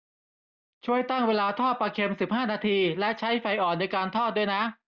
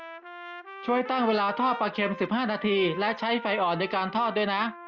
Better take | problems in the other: first | background sound (Trumpet); 14 dB below the speech

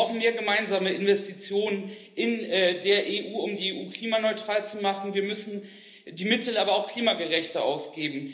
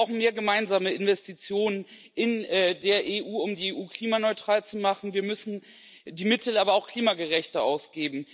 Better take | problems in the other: second | room echo; dies away in 0.8 s

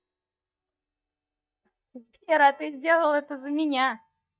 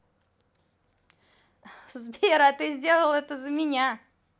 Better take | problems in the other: second | noise reduction (neural mask model DeepFilterNet 3)

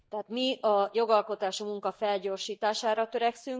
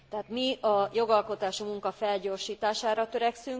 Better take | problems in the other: second | noise reduction (neural mask model DeepFilterNet 3)

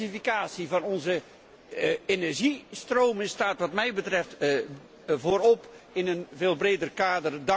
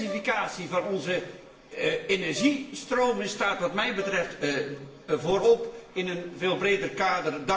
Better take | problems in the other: first | background sound (Brass instrument); 15 dB below the speech // room echo; dies away in 0.8 s

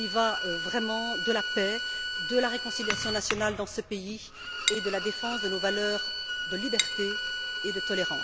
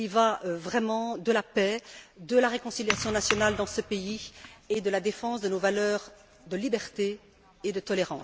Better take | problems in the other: second | background sound (Cutlery, silverware / Dishes, pots, and pans + Bowed string instrument); 1 dB below the speech

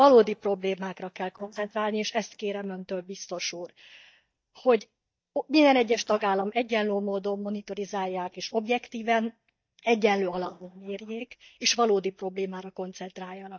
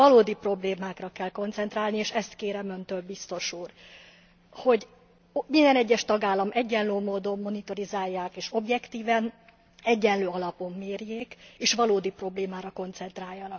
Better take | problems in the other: second | noise reduction (neural mask model DeepFilterNet 3)

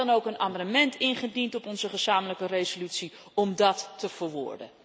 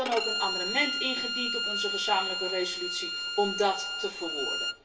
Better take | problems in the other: first | background sound (Bowed string instrument); 1 dB below the speech // room echo; dies away in 0.3 s

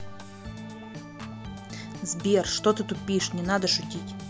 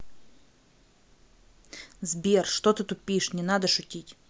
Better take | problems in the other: second | background sound (Organ); 9 dB below the speech

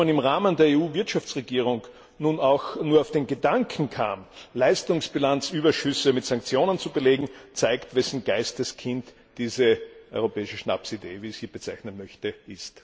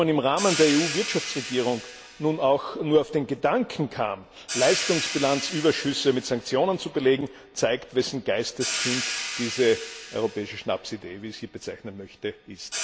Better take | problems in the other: first | background sound (Hi-hat); 9 dB below the speech

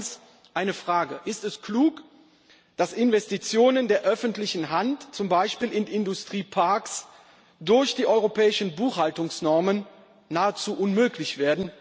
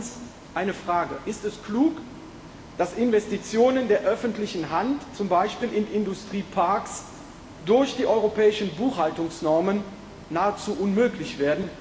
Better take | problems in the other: first | background sound (Bus); 19 dB below the speech // room echo; dies away in 1.5 s

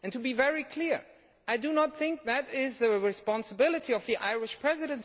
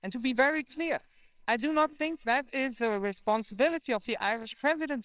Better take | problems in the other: first | noise reduction (neural separator model SepFormer WHAMR!)

